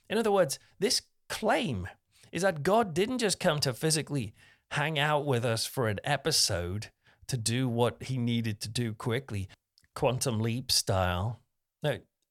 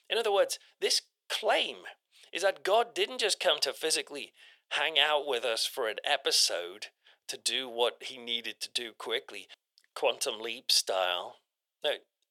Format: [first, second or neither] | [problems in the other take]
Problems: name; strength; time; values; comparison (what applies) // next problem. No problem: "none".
first | thin; very; fading below 400 Hz